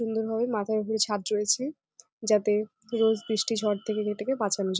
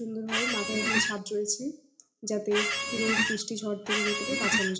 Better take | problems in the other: first | background sound (Squeak); 4 dB above the speech // room echo; dies away in 0.4 s

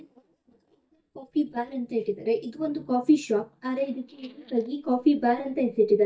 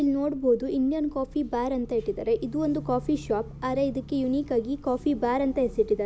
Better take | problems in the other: second | noise reduction (neural mask model DeepFilterNet 3)

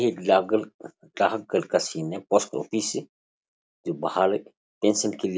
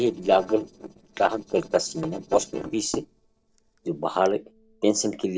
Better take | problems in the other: first | noise reduction (neural separator model SepFormer DNS4)

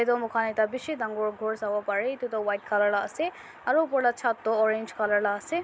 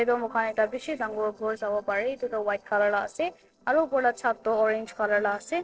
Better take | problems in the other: first | noise reduction (neural separator model SepFormer DNS4)

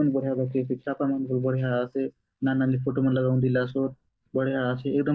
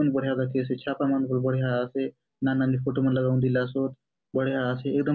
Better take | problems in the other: second | noise reduction (neural mask model DeepFilterNet 3)

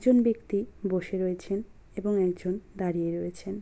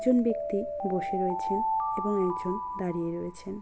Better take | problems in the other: first | background sound (Alarm); 3 dB below the speech

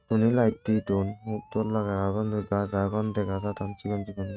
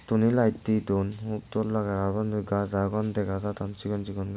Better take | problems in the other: second | noise reduction (neural mask model RNNoise)

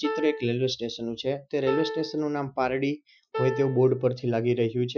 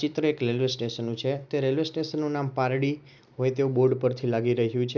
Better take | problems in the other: second | noise reduction (classical method Wiener filter)

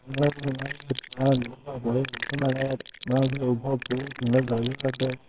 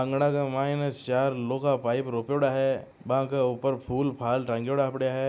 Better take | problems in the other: second | noise reduction (neural separator model SepFormer WHAMR!)

